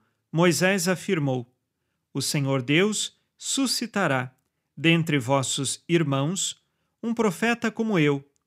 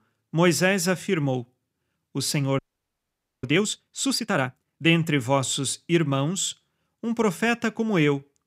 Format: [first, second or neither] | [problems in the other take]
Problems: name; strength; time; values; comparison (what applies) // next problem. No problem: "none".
first | audio freezing; at 2.5 s for 1 s